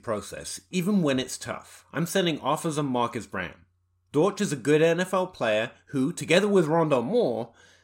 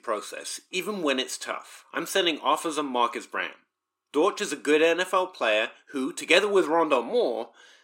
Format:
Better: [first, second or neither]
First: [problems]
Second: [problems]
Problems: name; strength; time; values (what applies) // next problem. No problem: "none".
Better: first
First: none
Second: thin; somewhat; fading below 300 Hz